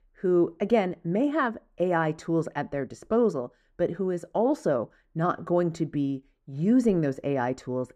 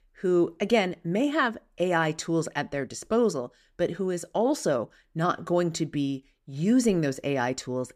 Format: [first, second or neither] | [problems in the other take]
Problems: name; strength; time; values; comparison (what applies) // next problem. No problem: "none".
second | muffled; slightly; fading above 2 kHz